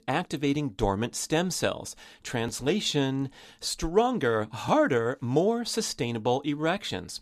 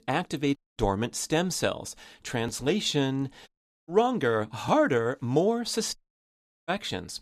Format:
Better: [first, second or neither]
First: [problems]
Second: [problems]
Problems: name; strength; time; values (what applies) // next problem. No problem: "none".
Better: first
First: none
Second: audio cutting out; at 0.5 s, at 3.5 s and at 6 s for 0.5 s